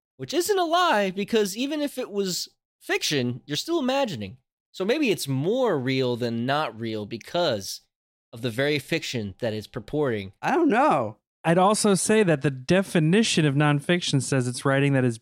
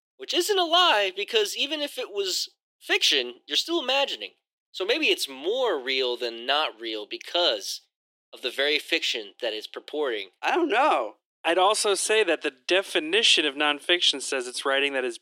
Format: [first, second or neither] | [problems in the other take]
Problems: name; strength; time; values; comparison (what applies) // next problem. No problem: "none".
first | thin; very; fading below 350 Hz